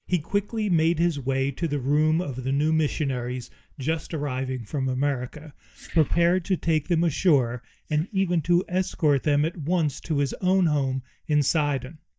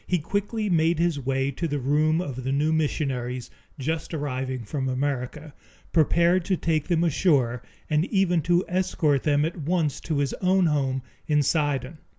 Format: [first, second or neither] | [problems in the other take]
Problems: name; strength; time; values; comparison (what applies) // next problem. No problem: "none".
second | noise reduction (neural mask model DeepFilterNet 3)